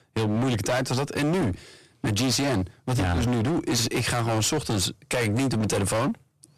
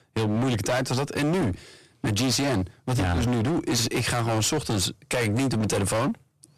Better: neither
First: distortion; heavy; 28% of the sound clipped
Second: distortion; heavy; 28% of the sound clipped

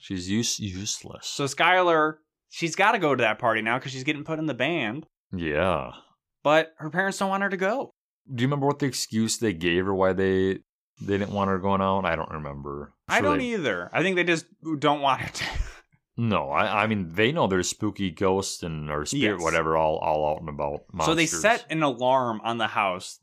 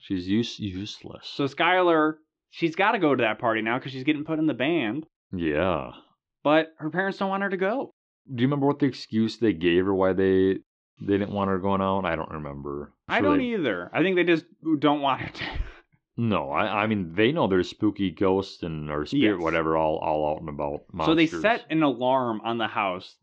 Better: first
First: none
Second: muffled; slightly; fading above 4 kHz

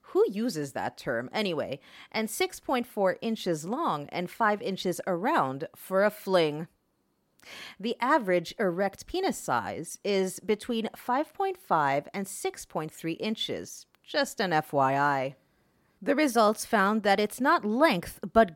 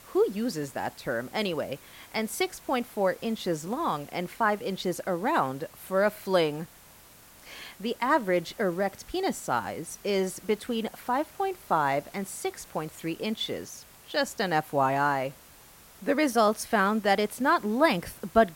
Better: first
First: none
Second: hiss; faint; throughout; 20 dB below the speech

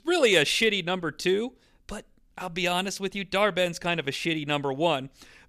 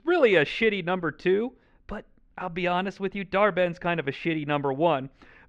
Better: first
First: none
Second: muffled; very; fading above 1.5 kHz

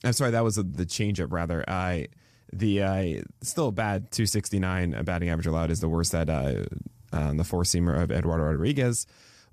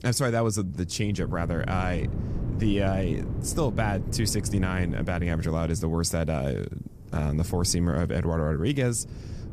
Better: first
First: none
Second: wind noise on the microphone; occasional gusts; 15 dB below the speech

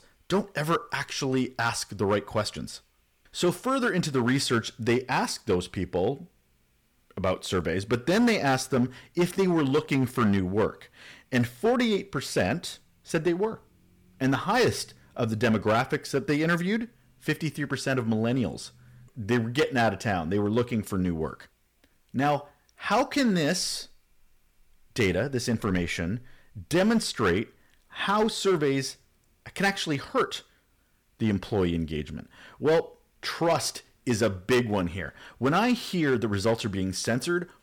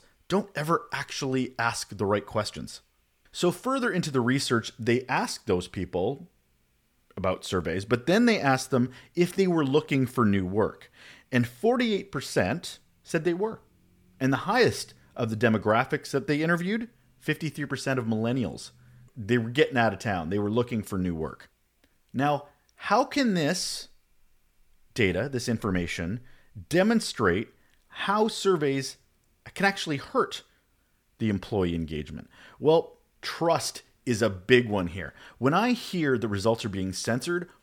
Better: second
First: distortion; slight; 4% of the sound clipped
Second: none

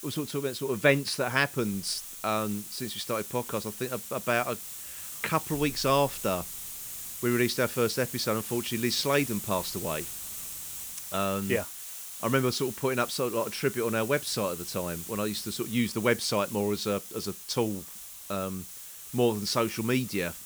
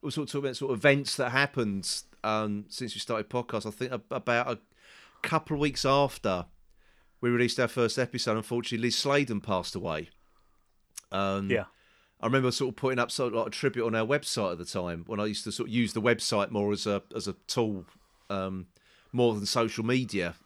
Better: second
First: hiss; loud; throughout; 8 dB below the speech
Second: none

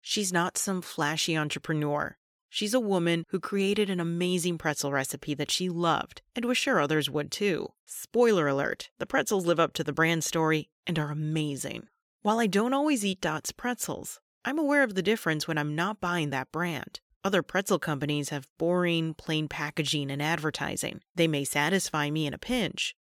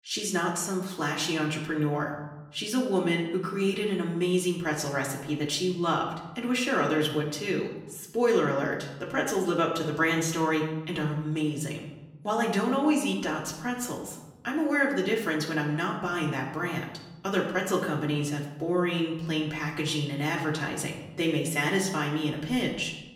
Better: first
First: none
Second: room echo; slight; dies away in 0.9 s // off-mic speech; far

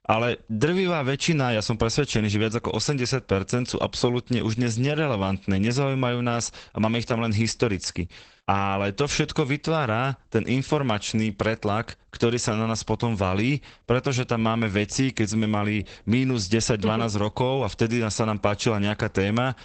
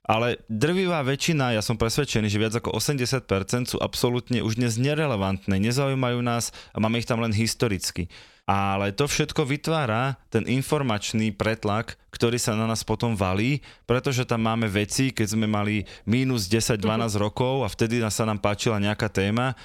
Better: second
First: garbled, watery; badly; nothing above 8 kHz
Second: none

